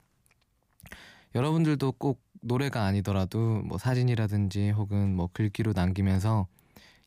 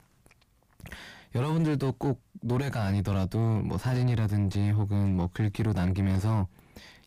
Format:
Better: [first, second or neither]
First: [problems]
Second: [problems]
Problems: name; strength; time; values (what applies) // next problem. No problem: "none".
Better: first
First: none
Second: distortion; slight; 10 dB below the speech